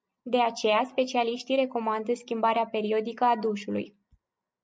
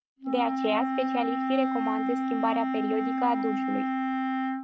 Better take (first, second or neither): first